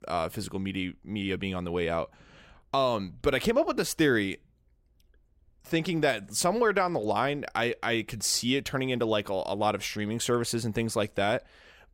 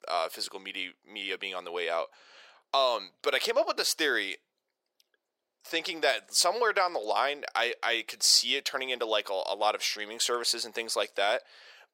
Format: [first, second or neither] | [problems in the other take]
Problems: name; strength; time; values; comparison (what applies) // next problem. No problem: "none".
first | thin; very; fading below 500 Hz